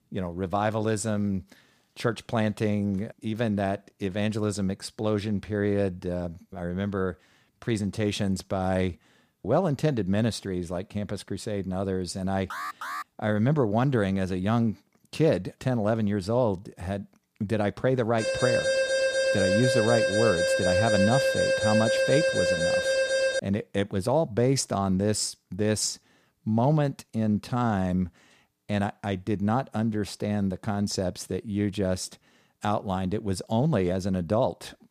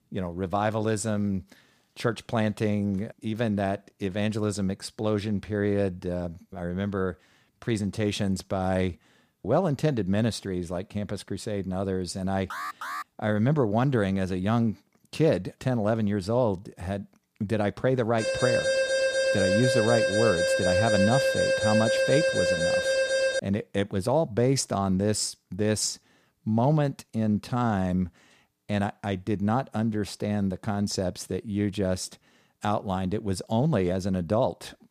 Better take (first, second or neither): neither